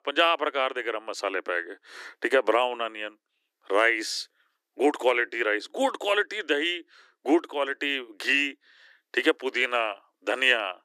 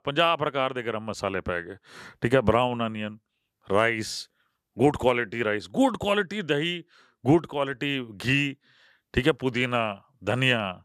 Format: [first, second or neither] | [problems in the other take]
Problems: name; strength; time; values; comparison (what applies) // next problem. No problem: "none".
second | thin; somewhat; fading below 300 Hz